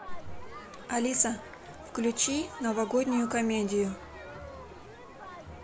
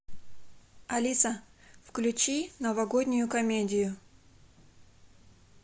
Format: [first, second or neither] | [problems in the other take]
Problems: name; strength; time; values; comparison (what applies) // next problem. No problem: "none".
second | background sound (Crowd); 13 dB below the speech